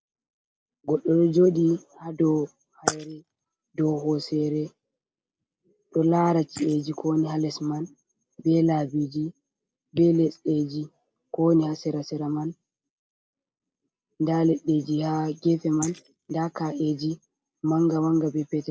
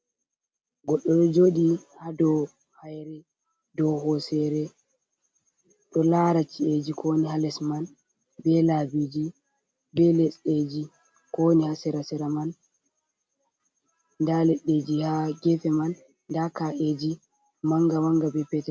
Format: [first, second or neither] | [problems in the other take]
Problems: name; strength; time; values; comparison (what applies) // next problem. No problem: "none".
second | noise reduction (neural mask model Resemble Enhance denoiser)